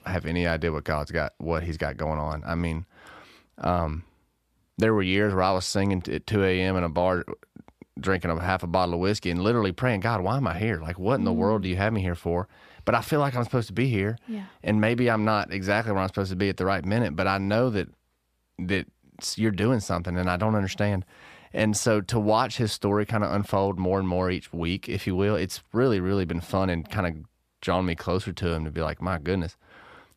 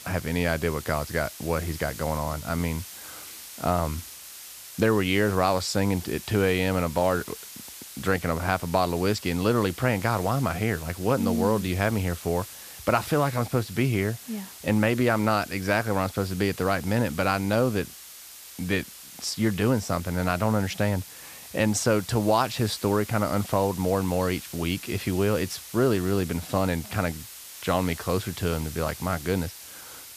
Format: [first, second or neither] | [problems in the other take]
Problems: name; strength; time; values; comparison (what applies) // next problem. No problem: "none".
first | hiss; noticeable; throughout; 15 dB below the speech